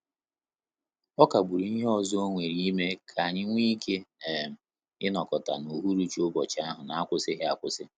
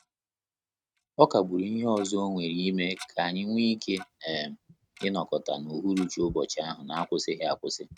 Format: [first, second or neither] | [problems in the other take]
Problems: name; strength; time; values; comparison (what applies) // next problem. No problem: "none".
first | noise reduction (neural mask model RNNoise)